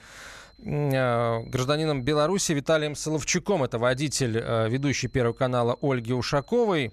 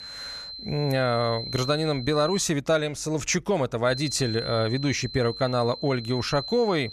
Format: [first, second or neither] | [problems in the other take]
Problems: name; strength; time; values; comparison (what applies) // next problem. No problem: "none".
first | high-pitched whine; loud; until 2.5 s and from 4 s on; 4 kHz, 9 dB below the speech; faint in the first